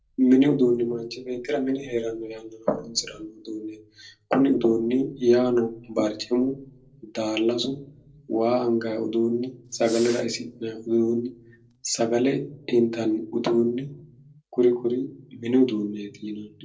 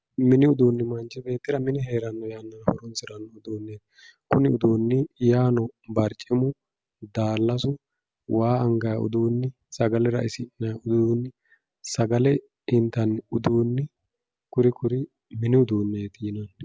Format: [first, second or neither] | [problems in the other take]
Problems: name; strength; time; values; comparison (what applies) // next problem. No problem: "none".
second | noise reduction (neural separator model SepFormer DNS4)